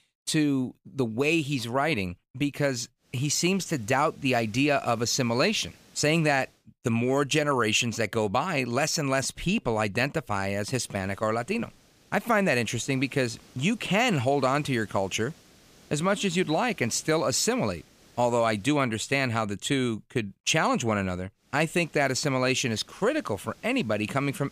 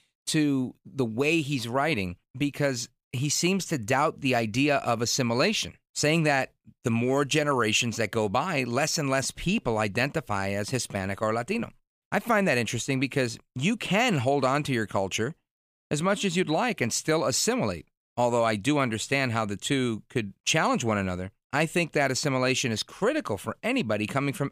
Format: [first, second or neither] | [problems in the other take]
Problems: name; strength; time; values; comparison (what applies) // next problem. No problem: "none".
second | hiss; faint; from 3 to 6.5 s, from 11 to 19 s and from 21 s on; 30 dB below the speech